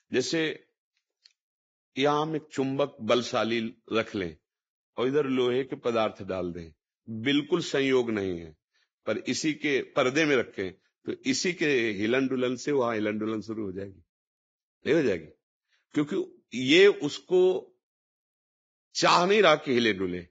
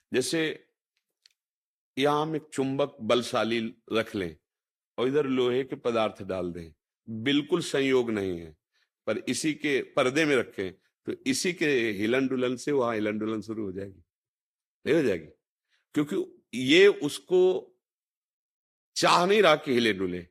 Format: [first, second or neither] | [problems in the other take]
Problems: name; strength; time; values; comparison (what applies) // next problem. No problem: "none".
second | garbled, watery; badly; nothing above 7.5 kHz; slightly in the second